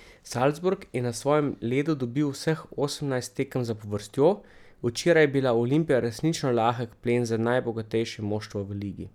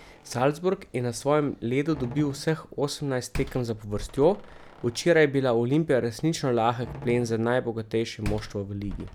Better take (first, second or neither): first